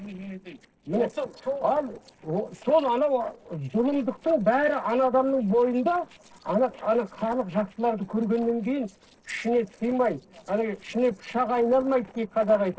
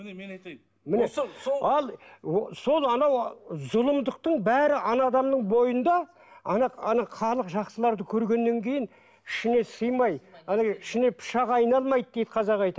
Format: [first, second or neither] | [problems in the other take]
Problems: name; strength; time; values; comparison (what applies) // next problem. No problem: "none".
second | noise reduction (neural separator model SepFormer DNS4)